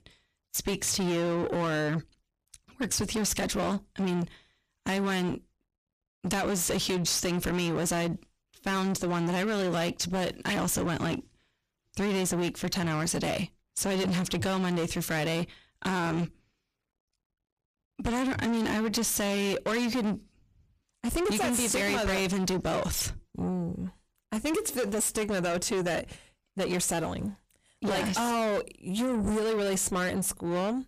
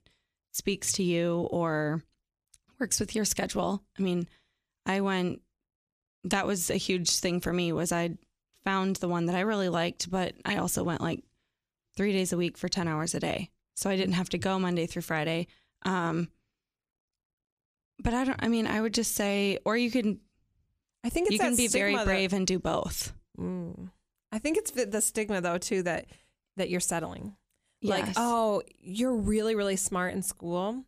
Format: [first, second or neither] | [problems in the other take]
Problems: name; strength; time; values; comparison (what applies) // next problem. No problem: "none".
second | distortion; heavy; 7 dB below the speech